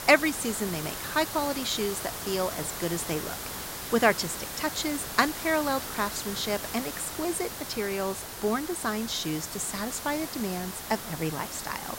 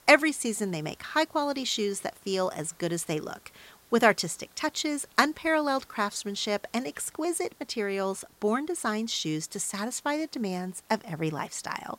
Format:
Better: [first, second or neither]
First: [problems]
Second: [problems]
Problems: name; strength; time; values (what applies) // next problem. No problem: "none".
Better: second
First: hiss; loud; throughout; 6 dB below the speech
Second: hiss; faint; throughout; 30 dB below the speech